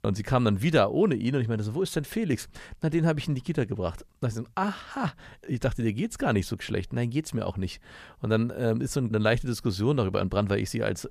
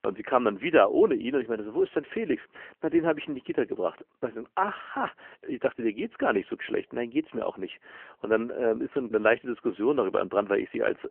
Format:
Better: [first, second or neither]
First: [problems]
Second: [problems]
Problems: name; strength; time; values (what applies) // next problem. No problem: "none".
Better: first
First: none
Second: phone-call audio; nothing above 3 kHz